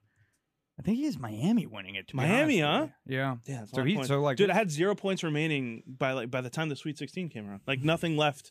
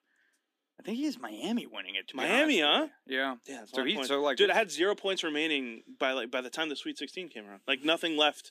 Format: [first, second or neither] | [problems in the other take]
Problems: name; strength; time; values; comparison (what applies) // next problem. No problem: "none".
first | thin; very slightly; fading below 250 Hz